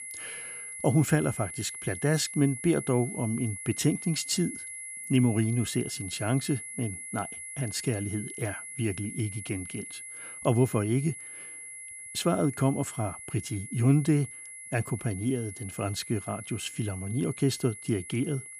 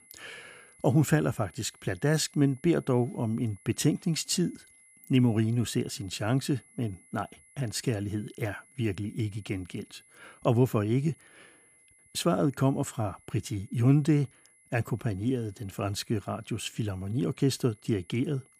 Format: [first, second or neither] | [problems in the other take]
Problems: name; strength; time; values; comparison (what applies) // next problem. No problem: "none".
second | high-pitched whine; loud; throughout; 10.5 kHz, 9 dB below the speech; faint in the second